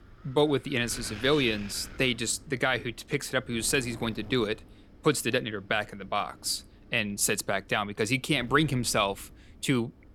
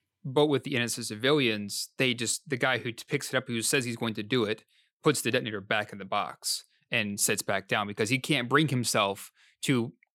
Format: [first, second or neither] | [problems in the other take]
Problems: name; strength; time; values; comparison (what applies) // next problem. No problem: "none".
second | wind noise on the microphone; occasional gusts; 20 dB below the speech